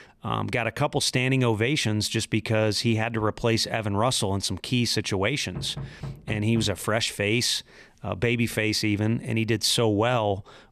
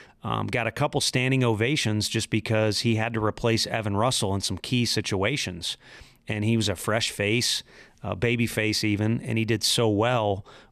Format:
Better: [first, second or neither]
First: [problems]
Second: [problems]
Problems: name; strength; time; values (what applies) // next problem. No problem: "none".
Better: second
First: door banging; faint; from 5.5 to 7 s; peak 10 dB below the speech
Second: none